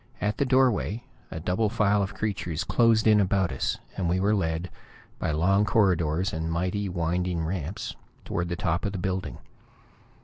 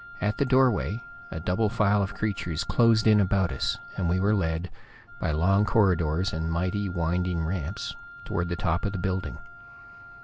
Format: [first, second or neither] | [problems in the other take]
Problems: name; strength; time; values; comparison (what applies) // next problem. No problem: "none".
first | background sound (Wind instrument, woodwind instrument); 19 dB below the speech